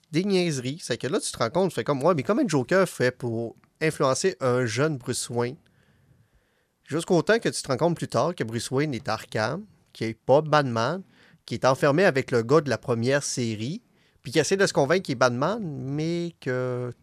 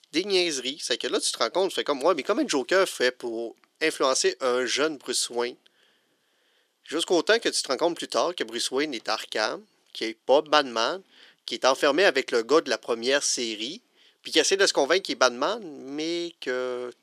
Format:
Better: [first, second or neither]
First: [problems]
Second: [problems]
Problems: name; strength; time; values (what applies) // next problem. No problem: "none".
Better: first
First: none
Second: thin; somewhat; fading below 300 Hz